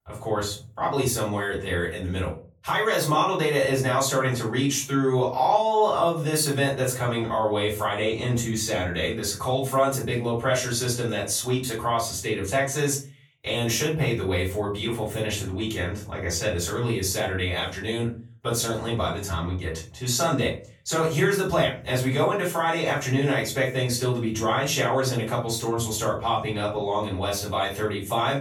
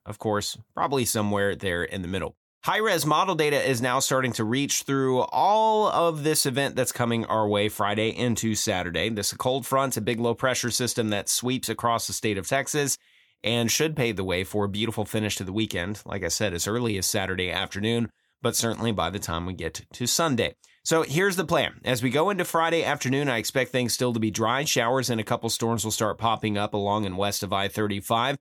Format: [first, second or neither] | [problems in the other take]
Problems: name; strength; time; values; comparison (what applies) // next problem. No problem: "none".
second | room echo; slight; dies away in 0.3 s // off-mic speech; far